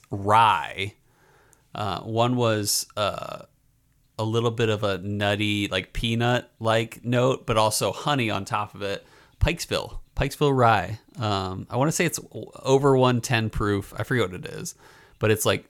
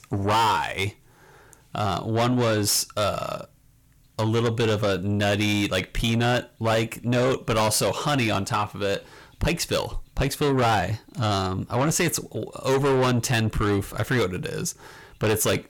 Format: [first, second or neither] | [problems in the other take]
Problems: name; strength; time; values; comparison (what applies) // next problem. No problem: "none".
first | distortion; heavy; 6 dB below the speech